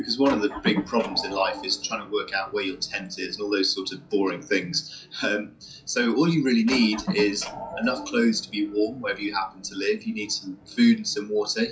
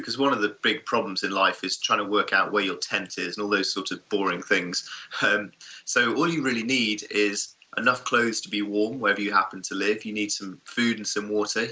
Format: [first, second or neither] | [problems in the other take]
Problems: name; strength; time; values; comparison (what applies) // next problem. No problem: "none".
second | noise reduction (classical method WPE with log-MMSE)